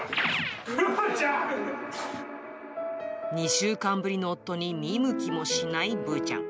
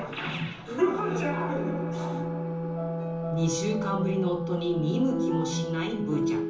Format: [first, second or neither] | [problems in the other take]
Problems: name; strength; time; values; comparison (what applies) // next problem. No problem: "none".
first | background sound (Wind instrument, woodwind instrument); 5 dB below the speech // room echo; dies away in 0.7 s